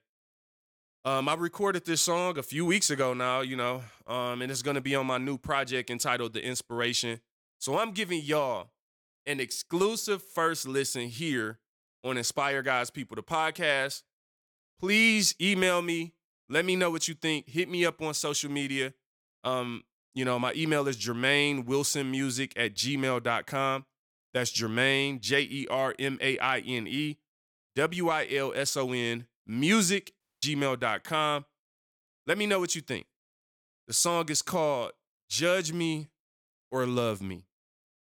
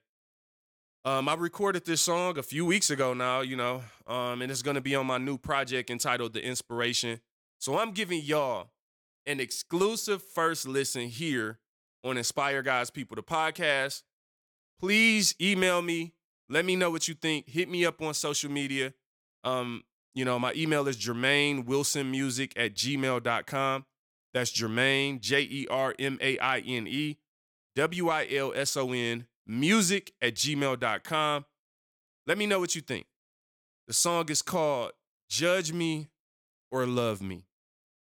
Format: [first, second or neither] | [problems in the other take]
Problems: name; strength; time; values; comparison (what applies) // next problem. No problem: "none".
second | audio cutting out; at 30 s